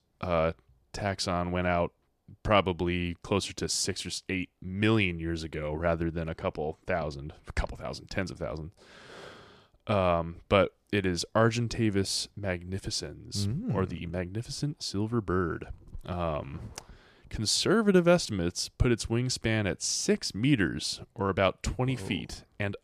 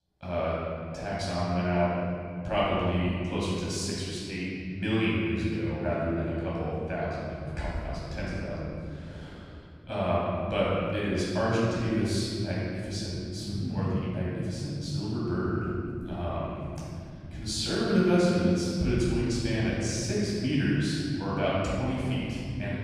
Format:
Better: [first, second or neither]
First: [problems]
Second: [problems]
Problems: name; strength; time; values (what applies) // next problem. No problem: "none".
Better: first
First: none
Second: off-mic speech; far // room echo; strong; dies away in 3 s